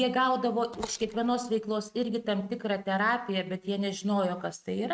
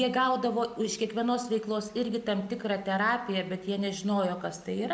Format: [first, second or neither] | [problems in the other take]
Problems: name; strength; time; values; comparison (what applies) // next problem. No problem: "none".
second | noise reduction (neural mask model RNNoise)